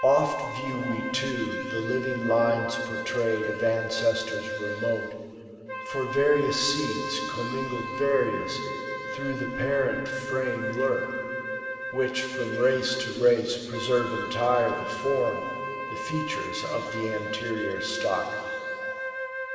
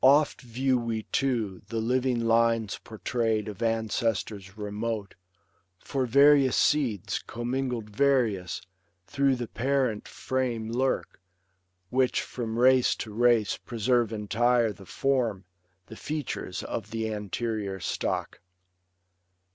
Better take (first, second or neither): second